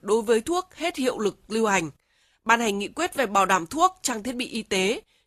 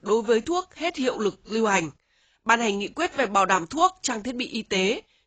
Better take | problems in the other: first | garbled, watery; badly; nothing above 7.5 kHz; slightly in the first

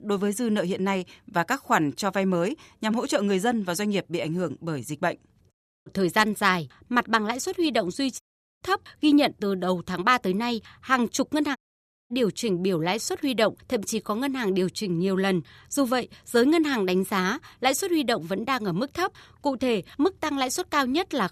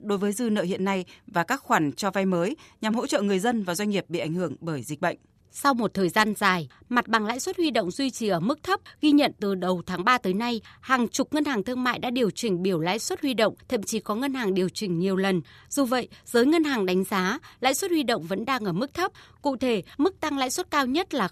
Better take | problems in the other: second | audio cutting out; at 5.5 s, at 8 s and at 12 s for 0.5 s

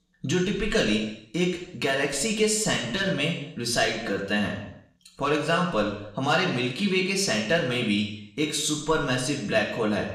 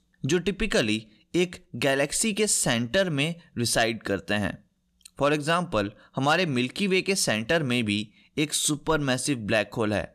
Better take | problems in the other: second | room echo; noticeable; dies away in 0.7 s // off-mic speech; far

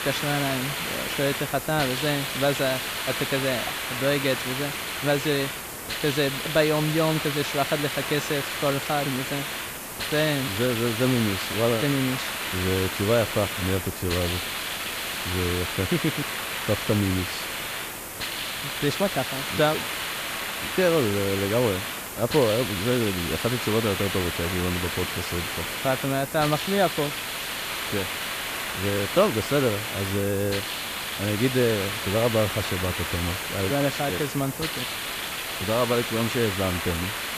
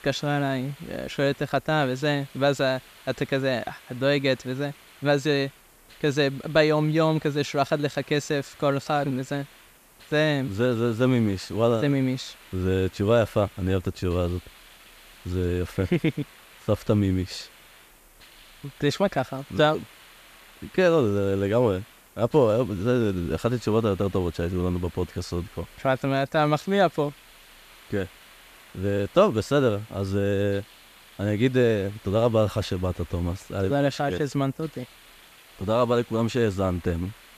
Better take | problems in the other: second | hiss; loud; throughout; 2 dB below the speech; faint in the second

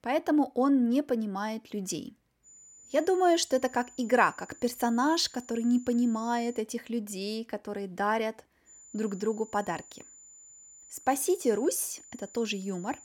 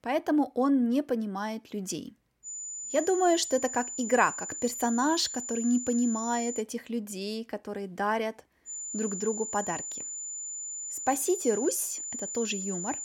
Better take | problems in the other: first | high-pitched whine; loud; from 2.5 to 6.5 s and from 8.5 s on; 7 kHz, 5 dB below the speech; faint in the first

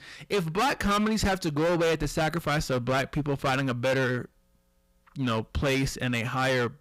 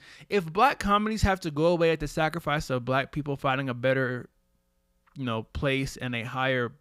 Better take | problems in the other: second | distortion; heavy; 18% of the sound clipped

